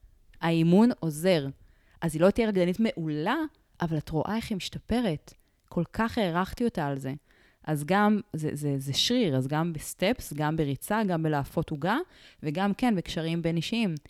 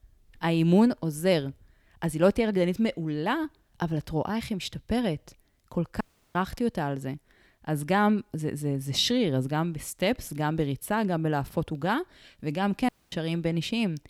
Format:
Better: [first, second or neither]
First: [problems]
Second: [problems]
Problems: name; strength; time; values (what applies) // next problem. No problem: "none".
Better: first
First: none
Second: audio cutting out; at 6 s and at 13 s